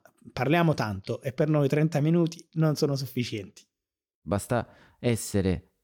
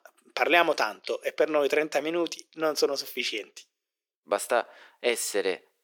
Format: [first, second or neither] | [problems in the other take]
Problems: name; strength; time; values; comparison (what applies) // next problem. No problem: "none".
first | thin; very; fading below 400 Hz